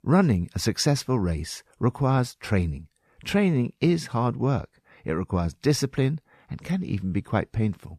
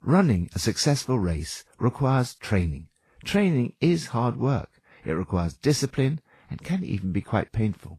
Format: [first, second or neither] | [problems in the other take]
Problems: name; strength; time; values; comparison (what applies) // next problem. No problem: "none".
first | garbled, watery; slightly; nothing above 12.5 kHz